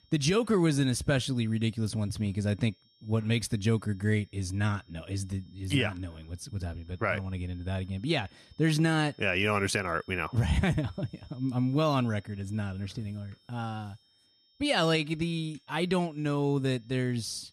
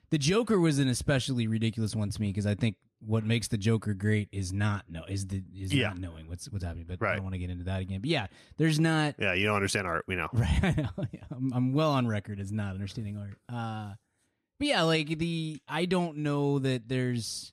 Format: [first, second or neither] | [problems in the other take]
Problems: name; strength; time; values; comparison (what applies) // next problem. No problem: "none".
second | high-pitched whine; faint; throughout; 5.5 kHz, 30 dB below the speech